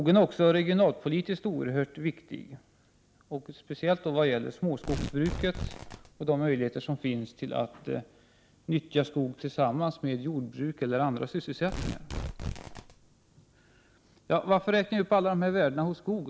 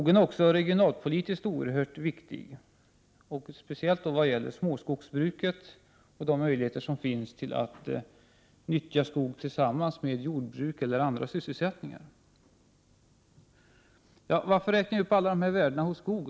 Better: second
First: background sound (Tearing); 10 dB below the speech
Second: none

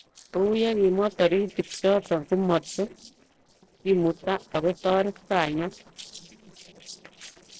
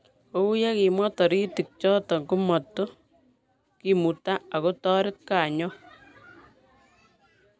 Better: second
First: noise reduction (neural separator model SepFormer DNS4)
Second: none

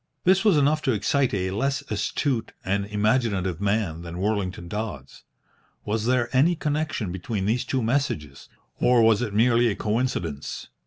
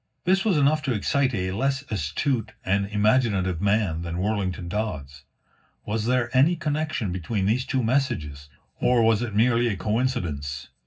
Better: first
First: none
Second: room echo; dies away in 0.4 s

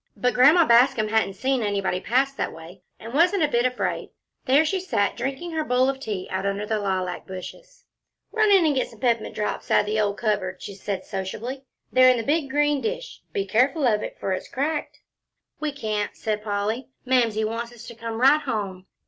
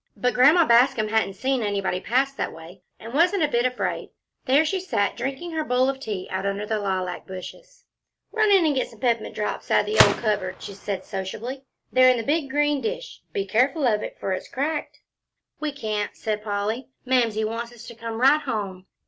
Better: first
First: none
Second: background sound (Gunshot, gunfire); 5 dB below the speech

